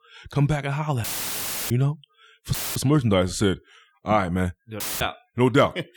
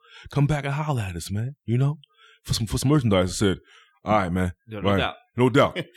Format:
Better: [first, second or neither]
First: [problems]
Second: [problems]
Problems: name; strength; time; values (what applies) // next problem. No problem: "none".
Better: second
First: audio cutting out; filled with static; at 1 s for 0.5 s, at 2.5 s and at 5 s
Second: none